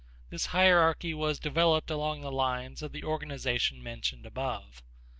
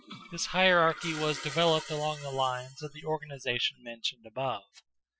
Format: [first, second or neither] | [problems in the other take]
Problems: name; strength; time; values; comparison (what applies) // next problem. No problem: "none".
first | noise reduction (classical method Wiener filter)